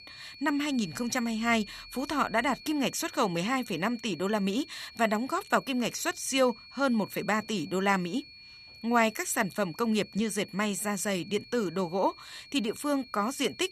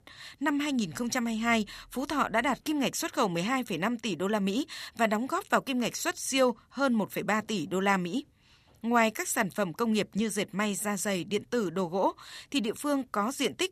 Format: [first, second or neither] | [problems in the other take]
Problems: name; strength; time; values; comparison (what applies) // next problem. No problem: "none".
second | high-pitched whine; noticeable; throughout; 4.5 kHz, 20 dB below the speech